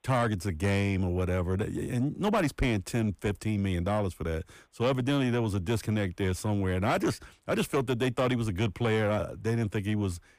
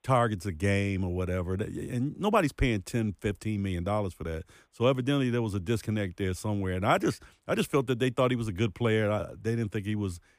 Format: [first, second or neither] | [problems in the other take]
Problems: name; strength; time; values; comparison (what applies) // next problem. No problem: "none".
second | distortion; slight; 10 dB below the speech